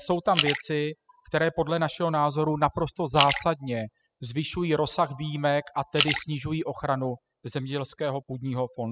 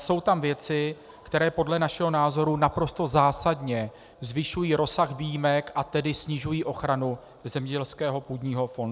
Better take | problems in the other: second | noise reduction (classical method spectral subtraction)

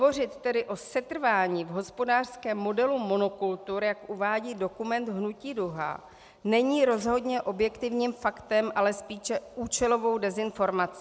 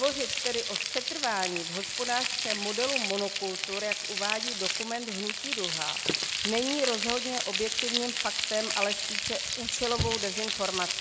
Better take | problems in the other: first | background sound (Frying (food)); 2 dB above the speech

